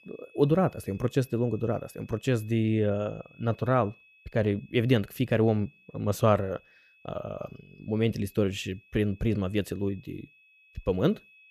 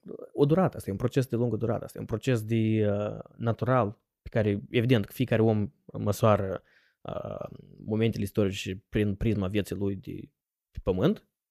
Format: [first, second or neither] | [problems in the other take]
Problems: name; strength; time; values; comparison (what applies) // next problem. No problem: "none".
second | high-pitched whine; faint; throughout; 2.5 kHz, 30 dB below the speech